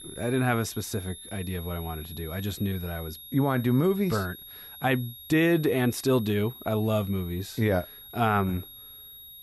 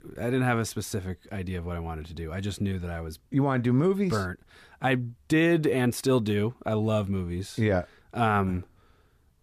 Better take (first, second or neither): second